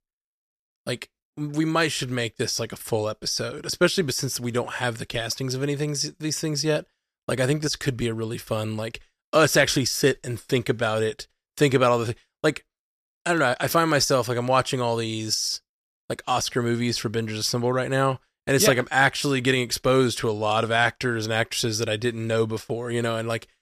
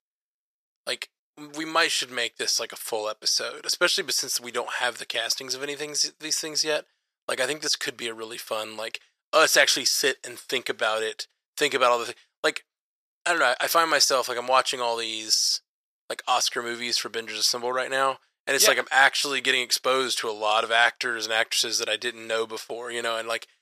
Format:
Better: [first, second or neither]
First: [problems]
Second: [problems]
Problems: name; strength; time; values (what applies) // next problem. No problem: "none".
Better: first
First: none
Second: thin; very; fading below 600 Hz